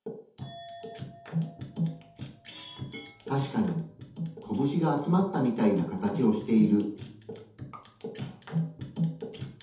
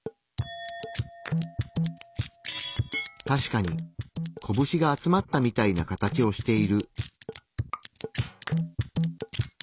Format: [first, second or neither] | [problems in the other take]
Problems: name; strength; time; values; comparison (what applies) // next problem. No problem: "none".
second | room echo; dies away in 0.6 s